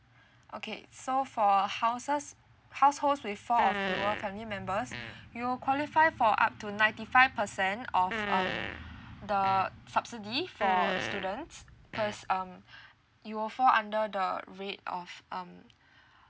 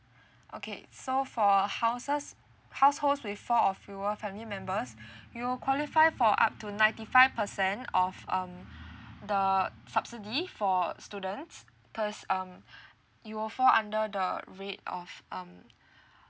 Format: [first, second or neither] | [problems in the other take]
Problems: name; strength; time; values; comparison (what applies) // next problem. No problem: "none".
second | background sound (Fart); 6 dB below the speech